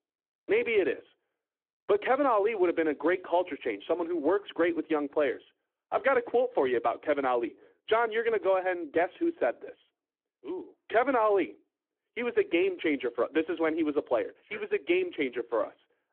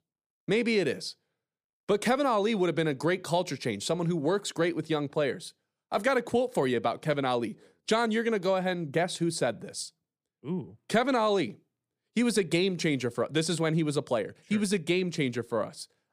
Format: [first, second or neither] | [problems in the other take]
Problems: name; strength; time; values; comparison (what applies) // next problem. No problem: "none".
second | phone-call audio